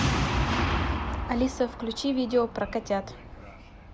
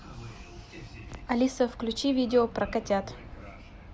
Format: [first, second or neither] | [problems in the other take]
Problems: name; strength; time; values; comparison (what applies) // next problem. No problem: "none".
second | background sound (Boom); as loud as the speech